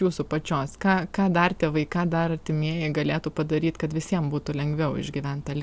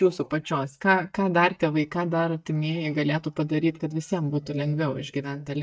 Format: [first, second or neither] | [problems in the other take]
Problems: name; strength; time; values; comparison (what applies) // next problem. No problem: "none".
first | noise reduction (neural mask model DeepFilterNet 3)